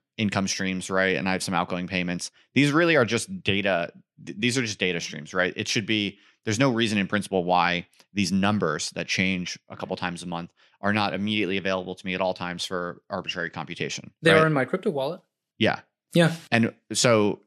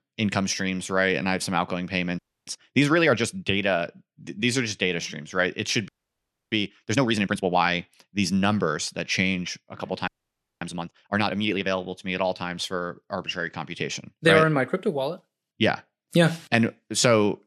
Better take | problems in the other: first | audio freezing; at 2 s, at 6 s for 0.5 s and at 10 s for 0.5 s

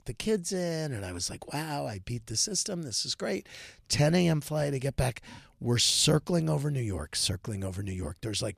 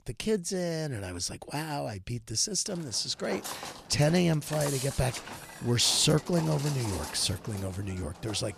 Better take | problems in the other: first | footsteps; noticeable; from 2.5 s on; peak 5 dB below the speech

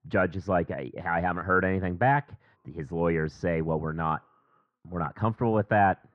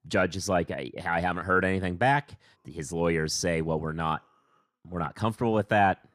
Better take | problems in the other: second | muffled; very; fading above 1.5 kHz

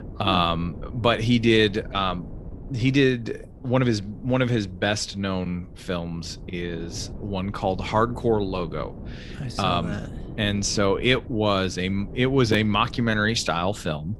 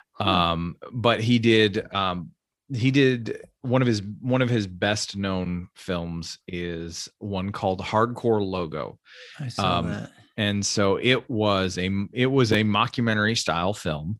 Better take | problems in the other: second | wind noise on the microphone; occasional gusts; 20 dB below the speech

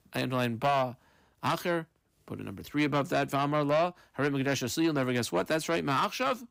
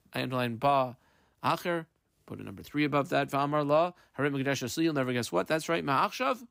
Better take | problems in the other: second | distortion; slight; 10 dB below the speech

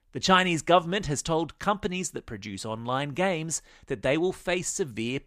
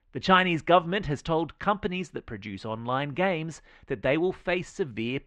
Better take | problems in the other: first | muffled; slightly; fading above 2.5 kHz

